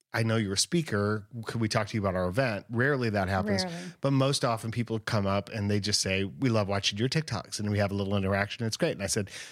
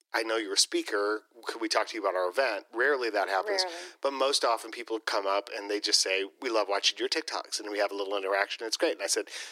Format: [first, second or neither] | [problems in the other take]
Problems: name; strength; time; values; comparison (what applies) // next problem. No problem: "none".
first | thin; very; fading below 300 Hz